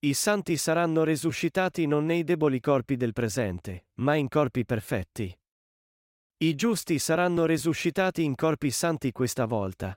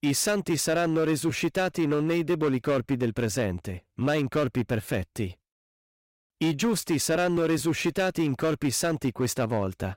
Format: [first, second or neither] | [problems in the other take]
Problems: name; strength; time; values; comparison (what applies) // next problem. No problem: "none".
first | distortion; slight; 9% of the sound clipped